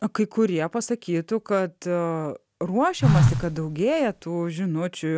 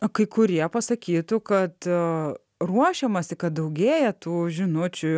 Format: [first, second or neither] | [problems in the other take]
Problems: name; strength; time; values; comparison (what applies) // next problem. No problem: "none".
second | background sound (Telephone); 2 dB above the speech